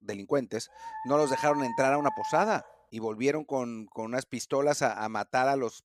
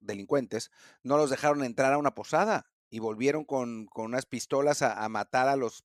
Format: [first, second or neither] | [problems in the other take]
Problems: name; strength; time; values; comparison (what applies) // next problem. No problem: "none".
second | dog barking; noticeable; from 1 to 2.5 s; peak 5 dB below the speech